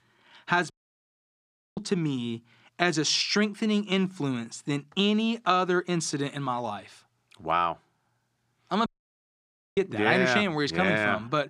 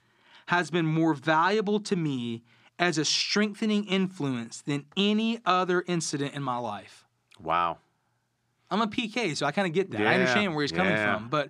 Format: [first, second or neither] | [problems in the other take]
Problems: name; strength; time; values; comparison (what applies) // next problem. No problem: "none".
second | audio cutting out; at 0.5 s for 1 s and at 9 s for 1 s